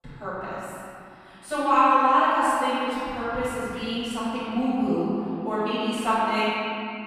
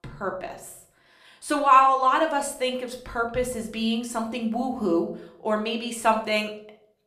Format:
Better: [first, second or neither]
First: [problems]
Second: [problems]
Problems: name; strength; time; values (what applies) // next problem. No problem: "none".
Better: second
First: room echo; strong; dies away in 3 s // off-mic speech; far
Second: room echo; slight; dies away in 0.5 s // off-mic speech; somewhat distant